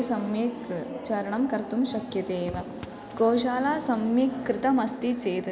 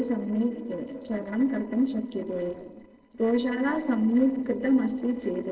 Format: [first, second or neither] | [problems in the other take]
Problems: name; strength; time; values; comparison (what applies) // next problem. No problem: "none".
first | noise reduction (neural separator model SepFormer DNS4)